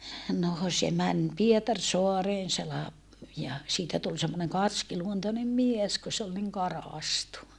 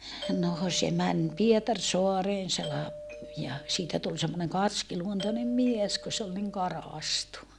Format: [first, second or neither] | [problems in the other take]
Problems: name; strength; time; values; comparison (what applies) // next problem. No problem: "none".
first | background sound (Doorbell); 14 dB below the speech